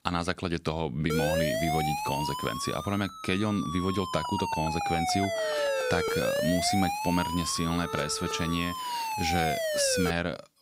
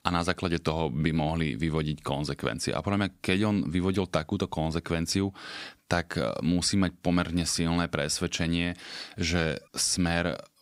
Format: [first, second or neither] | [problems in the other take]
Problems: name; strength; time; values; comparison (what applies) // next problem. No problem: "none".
second | siren; loud; from 1 to 10 s; peak 2 dB above the speech